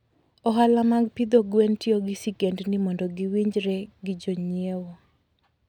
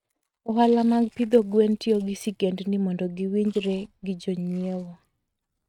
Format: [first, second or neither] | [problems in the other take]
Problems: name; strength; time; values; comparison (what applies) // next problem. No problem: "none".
first | noise reduction (neural mask model RNNoise)